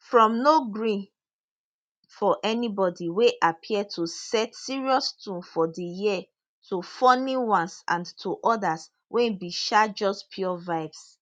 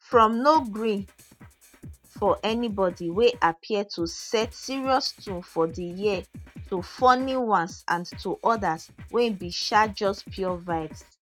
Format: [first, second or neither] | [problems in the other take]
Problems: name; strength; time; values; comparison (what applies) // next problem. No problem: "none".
first | noise reduction (neural mask model RNNoise)